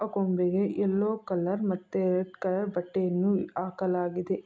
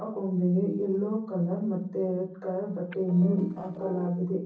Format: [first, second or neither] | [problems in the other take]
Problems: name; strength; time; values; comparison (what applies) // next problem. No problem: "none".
first | noise reduction (neural separator model SepFormer DNS4)